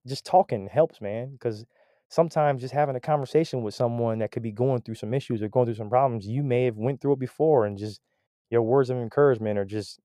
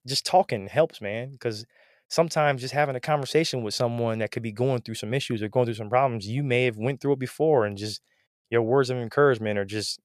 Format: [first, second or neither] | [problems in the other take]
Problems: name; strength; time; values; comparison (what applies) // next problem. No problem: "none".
second | muffled; slightly; fading above 1 kHz